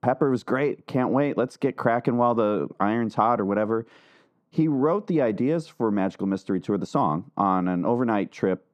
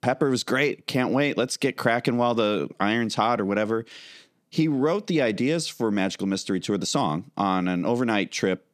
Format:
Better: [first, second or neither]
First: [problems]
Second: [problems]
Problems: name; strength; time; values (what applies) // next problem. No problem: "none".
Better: second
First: muffled; very; fading above 2 kHz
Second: none